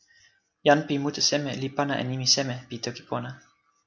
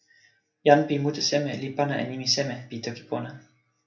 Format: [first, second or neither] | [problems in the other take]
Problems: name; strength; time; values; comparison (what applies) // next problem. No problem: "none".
first | room echo; dies away in 0.3 s